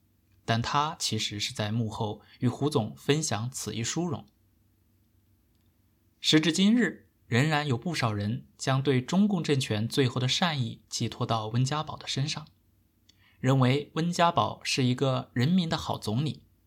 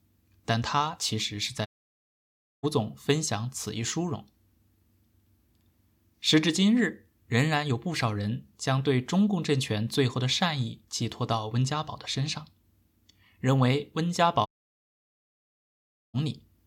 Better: first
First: none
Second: audio cutting out; at 1.5 s for 1 s and at 14 s for 1.5 s

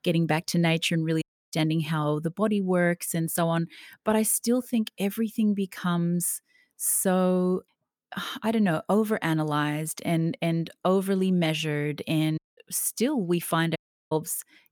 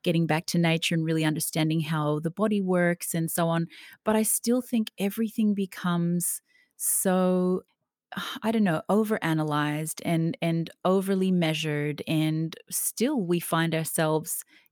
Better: second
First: audio cutting out; at 1 s, at 12 s and at 14 s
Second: none

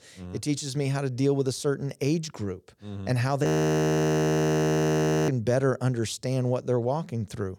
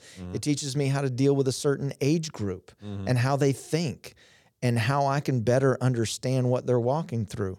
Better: second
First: audio freezing; at 3.5 s for 2 s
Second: none

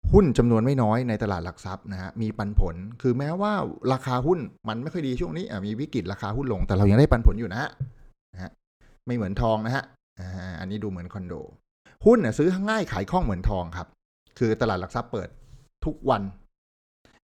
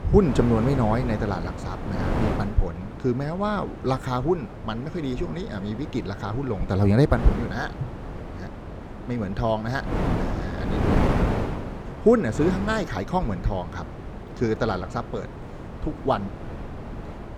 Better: first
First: none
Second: wind noise on the microphone; heavy; 7 dB below the speech

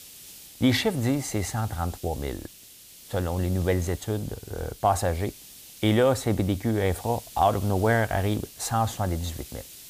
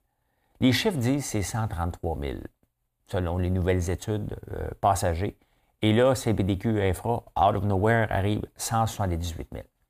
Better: second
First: hiss; noticeable; throughout; 15 dB below the speech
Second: none

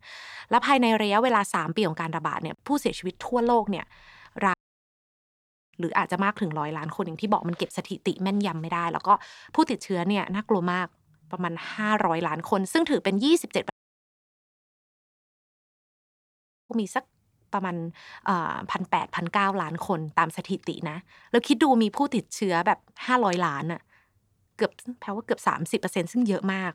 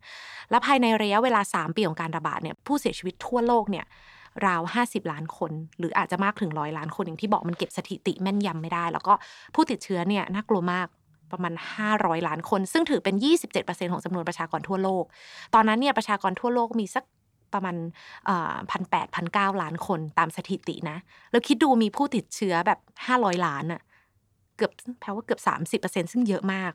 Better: second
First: audio cutting out; at 4.5 s for 1 s and at 14 s for 3 s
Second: none

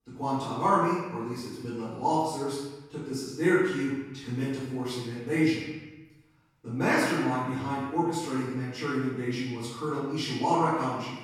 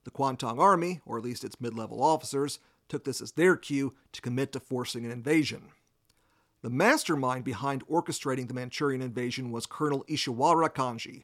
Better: second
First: off-mic speech; far // room echo; strong; dies away in 1 s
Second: none

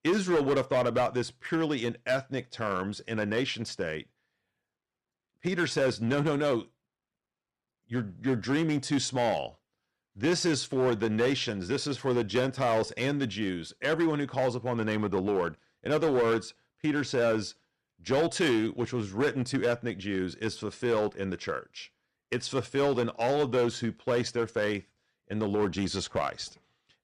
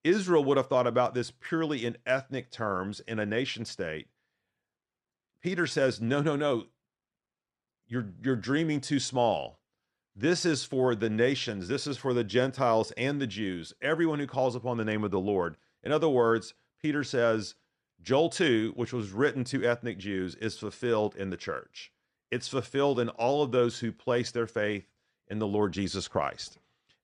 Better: second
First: distortion; slight; 6% of the sound clipped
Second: none

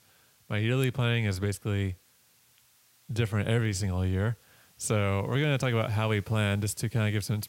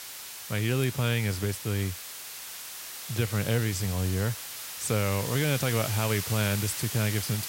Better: first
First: hiss; faint; throughout; 30 dB below the speech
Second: hiss; loud; throughout; 6 dB below the speech

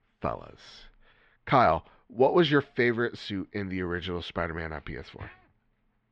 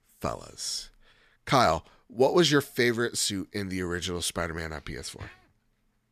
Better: second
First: muffled; very; fading above 3 kHz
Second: none

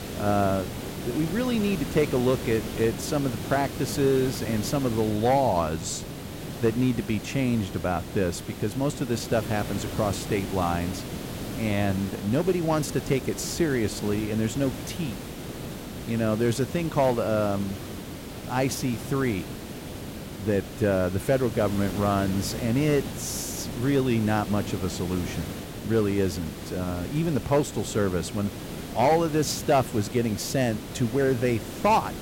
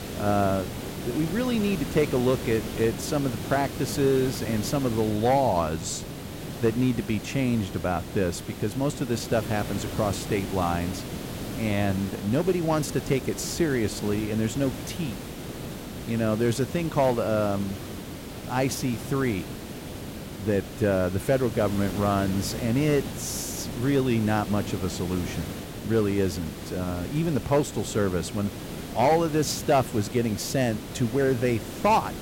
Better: neither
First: hiss; loud; throughout; 9 dB below the speech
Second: hiss; loud; throughout; 9 dB below the speech

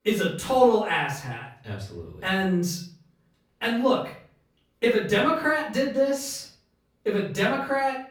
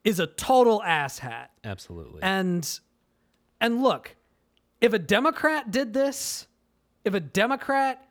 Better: second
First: off-mic speech; far // room echo; noticeable; dies away in 0.5 s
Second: none

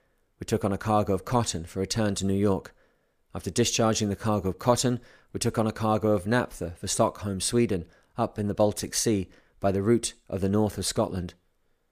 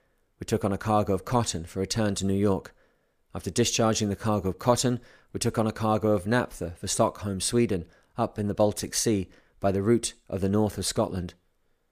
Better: neither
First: none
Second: none

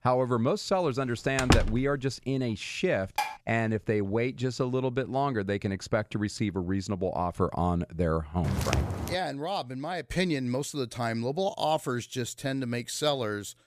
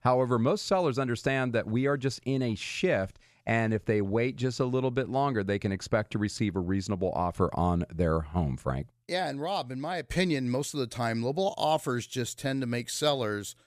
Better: second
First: door banging; loud; at 1.5 s; peak 4 dB above the speech // clattering dishes; noticeable; at 3 s; peak 3 dB below the speech // footsteps; loud; at 8.5 s; peak level with the speech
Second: none

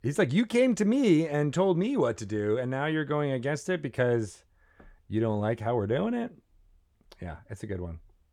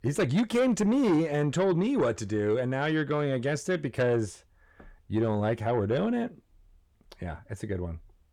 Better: first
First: none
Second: distortion; slight; 10 dB below the speech

